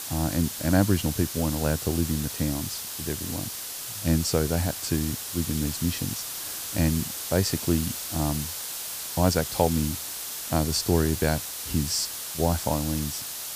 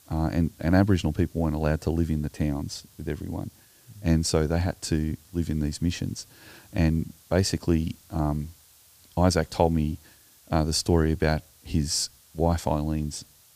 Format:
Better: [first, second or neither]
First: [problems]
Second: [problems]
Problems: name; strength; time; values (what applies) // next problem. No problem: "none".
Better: second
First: hiss; loud; throughout; 4 dB below the speech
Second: hiss; faint; throughout; 25 dB below the speech